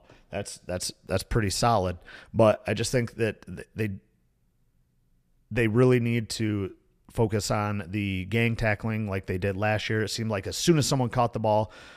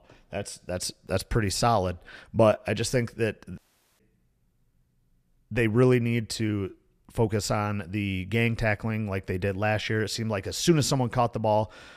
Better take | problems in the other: first | audio cutting out; at 3.5 s

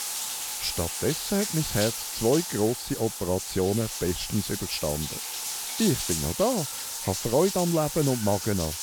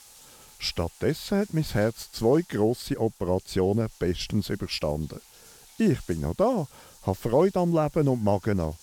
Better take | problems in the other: second | household noises; loud; throughout; 3 dB below the speech; faint in the second

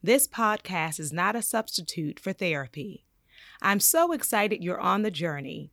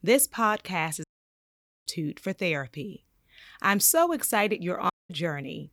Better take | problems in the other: first | audio cutting out; at 1 s for 1 s and at 5 s

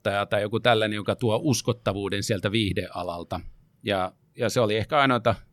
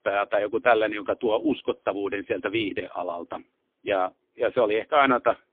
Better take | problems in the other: first | phone-call audio; poor line; nothing above 3.5 kHz

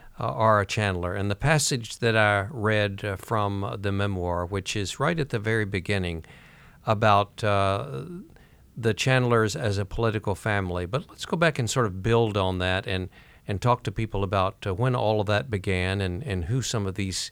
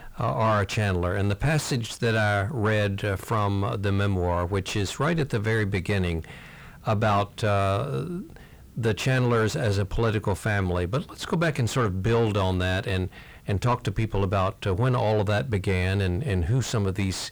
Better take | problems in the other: first | distortion; heavy; 7 dB below the speech

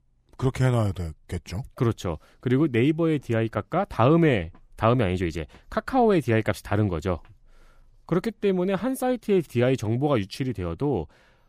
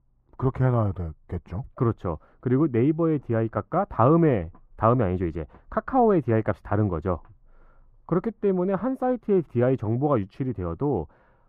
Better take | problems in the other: first | muffled; very; fading above 2.5 kHz

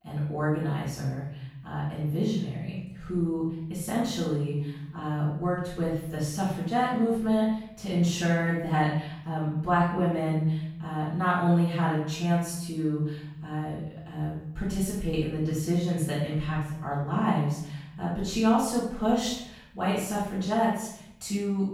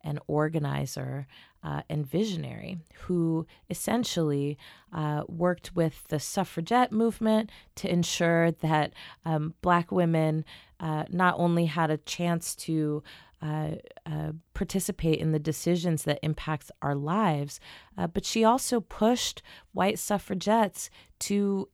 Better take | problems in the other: second | off-mic speech; far // room echo; noticeable; dies away in 0.8 s

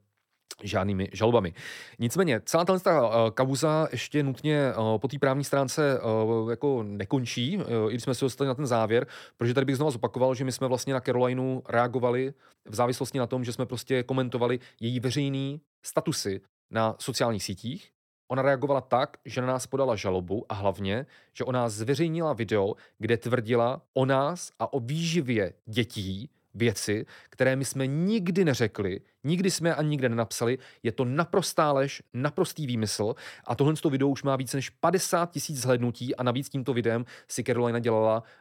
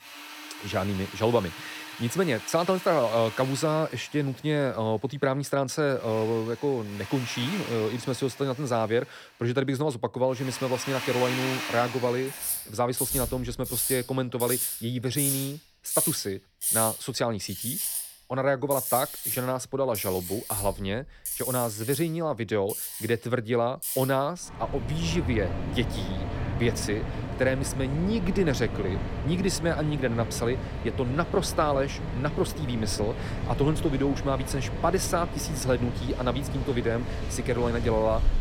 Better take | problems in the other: first | machinery noise; loud; throughout; 4 dB below the speech

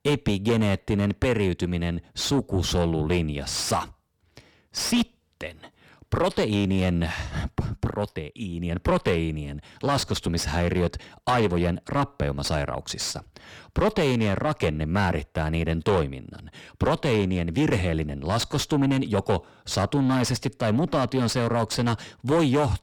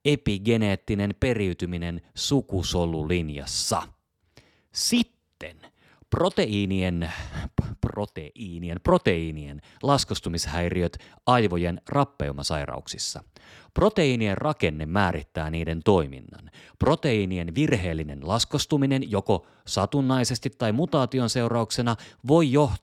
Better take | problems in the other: second | distortion; heavy; 7 dB below the speech

